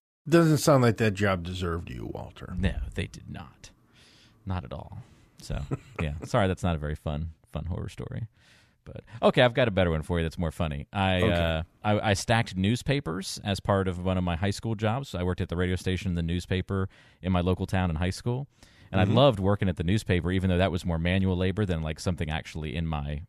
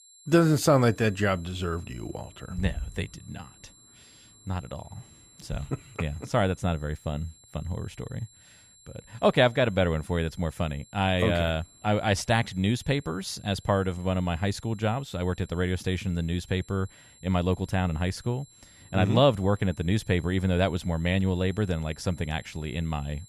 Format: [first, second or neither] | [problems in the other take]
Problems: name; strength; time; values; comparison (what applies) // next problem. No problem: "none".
first | high-pitched whine; faint; throughout; 7.5 kHz, 25 dB below the speech